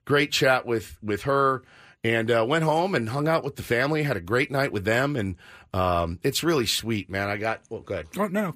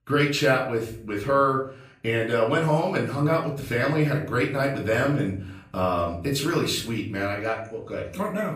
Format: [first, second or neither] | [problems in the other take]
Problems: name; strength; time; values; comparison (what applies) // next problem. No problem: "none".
first | off-mic speech; far // room echo; slight; dies away in 0.5 s